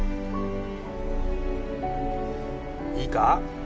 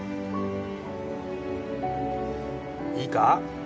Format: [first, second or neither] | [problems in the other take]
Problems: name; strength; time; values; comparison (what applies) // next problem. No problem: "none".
second | background sound (Purr); 2 dB below the speech